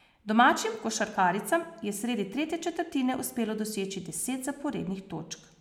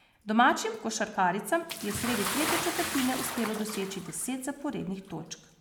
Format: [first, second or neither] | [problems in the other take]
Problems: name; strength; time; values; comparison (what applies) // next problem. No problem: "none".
first | background sound (Bathtub (filling or washing) / Splash, splatter); 7 dB below the speech